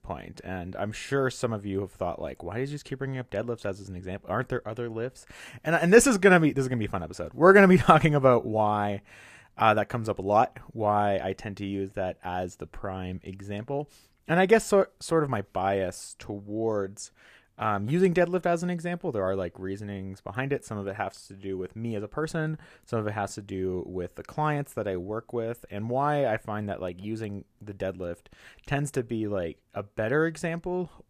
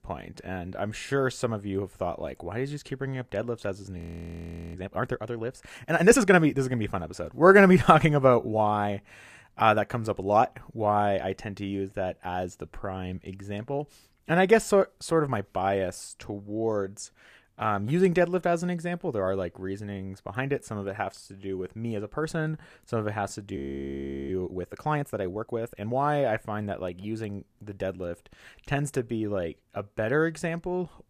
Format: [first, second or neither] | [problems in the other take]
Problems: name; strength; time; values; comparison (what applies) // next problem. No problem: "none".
first | audio freezing; at 4 s for 1 s and at 24 s for 0.5 s